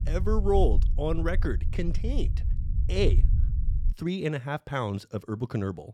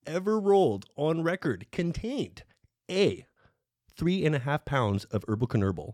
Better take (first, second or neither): second